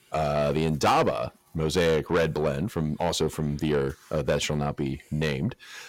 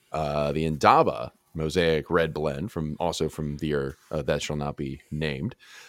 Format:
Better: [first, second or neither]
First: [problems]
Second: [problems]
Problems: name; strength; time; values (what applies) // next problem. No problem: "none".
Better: second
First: distortion; heavy; 7 dB below the speech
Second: none